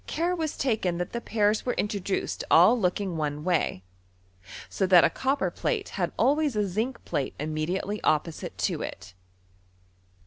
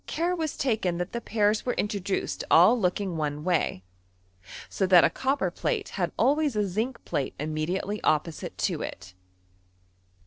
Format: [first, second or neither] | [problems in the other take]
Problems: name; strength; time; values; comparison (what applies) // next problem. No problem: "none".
first | noise reduction (neural separator model SepFormer DNS4)